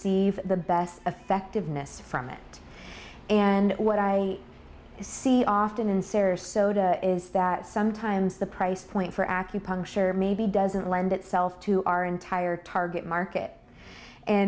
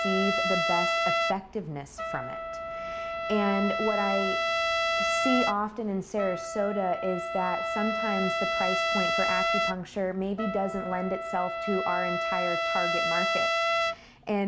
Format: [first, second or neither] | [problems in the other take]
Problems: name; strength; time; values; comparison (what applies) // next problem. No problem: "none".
first | background sound (Trumpet); 2 dB above the speech